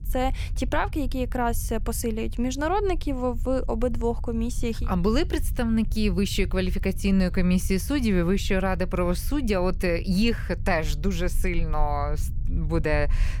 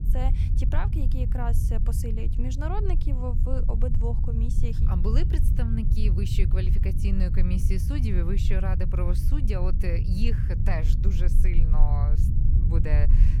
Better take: first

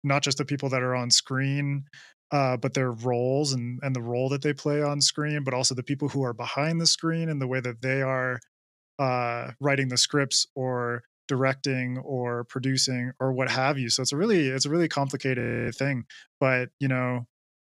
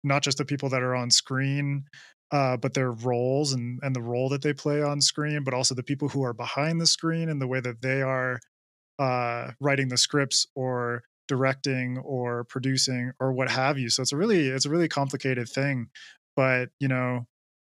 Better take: second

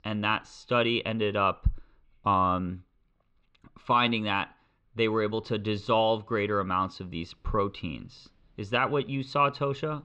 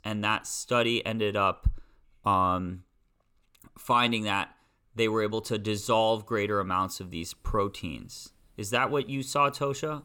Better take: second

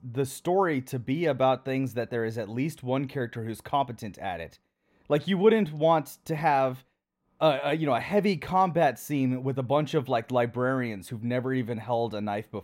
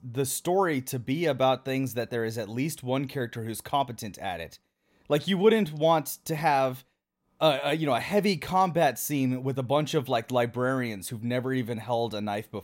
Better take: second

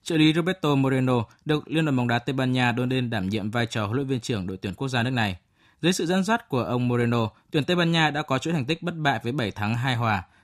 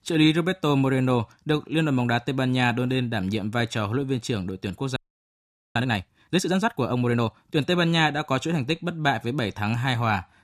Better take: first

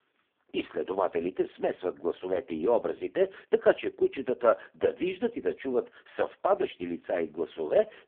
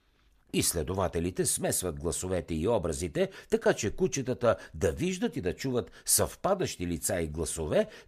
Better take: second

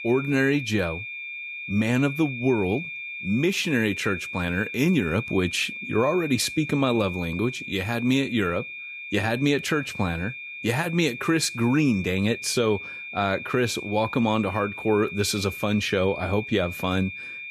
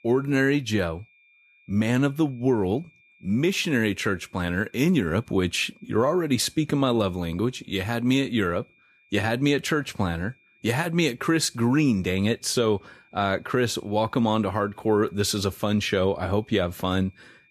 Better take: second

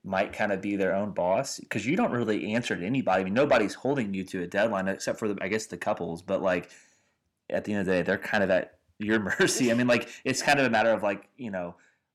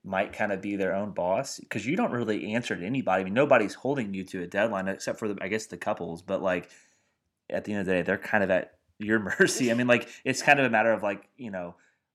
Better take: second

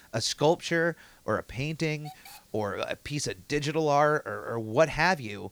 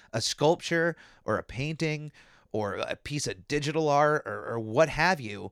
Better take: second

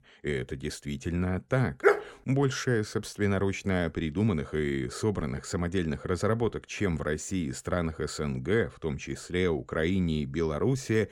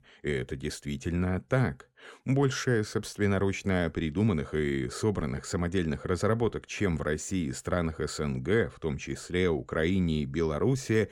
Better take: second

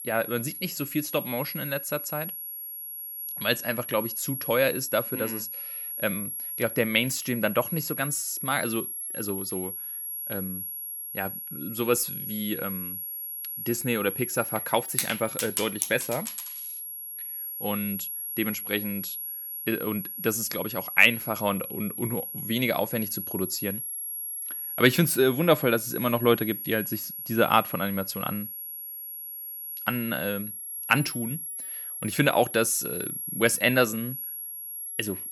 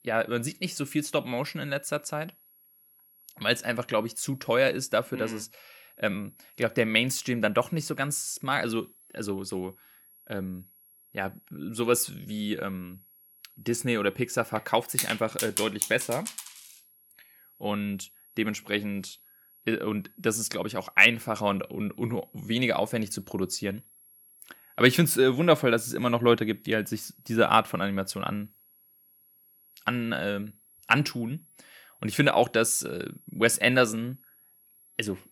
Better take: second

